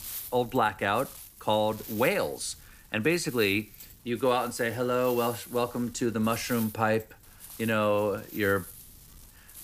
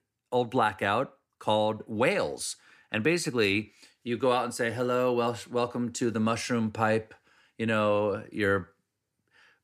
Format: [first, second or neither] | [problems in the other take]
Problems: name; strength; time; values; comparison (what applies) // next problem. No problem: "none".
second | wind noise on the microphone; occasional gusts; 20 dB below the speech